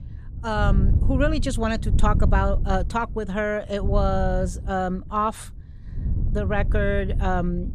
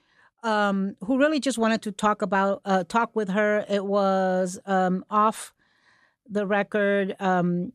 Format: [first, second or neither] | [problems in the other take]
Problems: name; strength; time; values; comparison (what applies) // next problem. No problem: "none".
second | wind noise on the microphone; occasional gusts; 15 dB below the speech